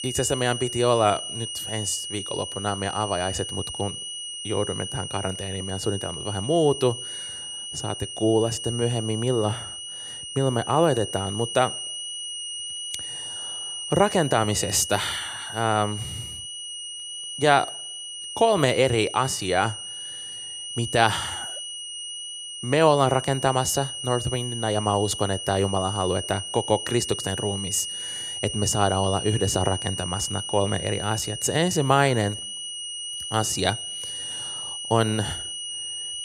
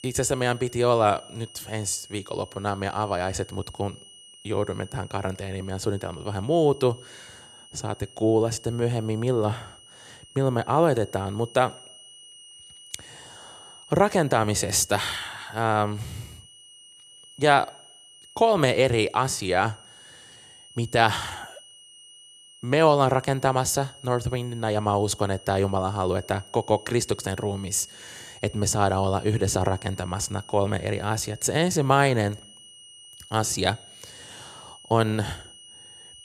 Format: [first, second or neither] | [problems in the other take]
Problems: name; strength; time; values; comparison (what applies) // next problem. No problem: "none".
second | high-pitched whine; loud; throughout; 3 kHz, 7 dB below the speech; faint in the second